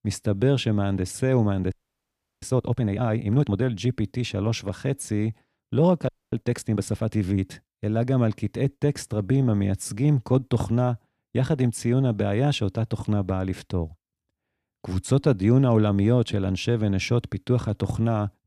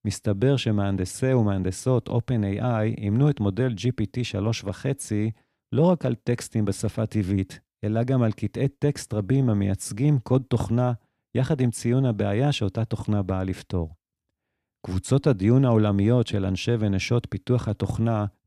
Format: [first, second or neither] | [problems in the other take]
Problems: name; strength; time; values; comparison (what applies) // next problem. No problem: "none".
second | audio freezing; at 1.5 s for 0.5 s and at 6 s